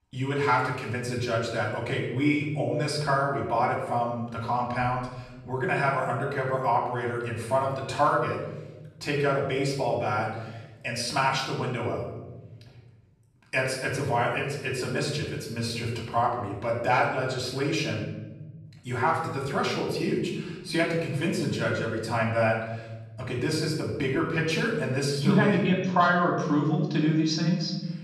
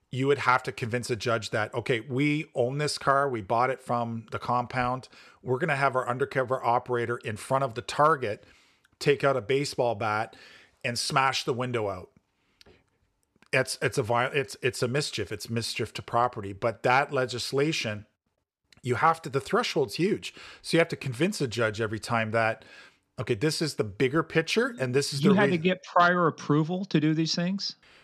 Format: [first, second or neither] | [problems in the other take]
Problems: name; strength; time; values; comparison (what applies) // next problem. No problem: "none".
second | off-mic speech; far // room echo; noticeable; dies away in 1.4 s